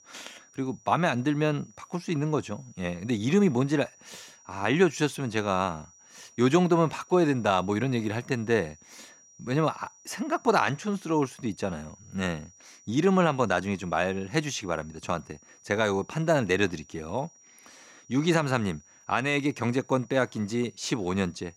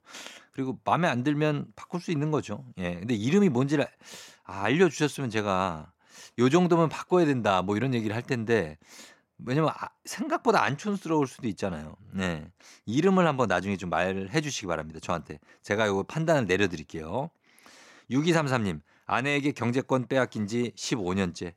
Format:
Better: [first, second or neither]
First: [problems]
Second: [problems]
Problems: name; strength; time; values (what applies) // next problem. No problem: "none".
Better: second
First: high-pitched whine; faint; throughout; 5.5 kHz, 25 dB below the speech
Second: none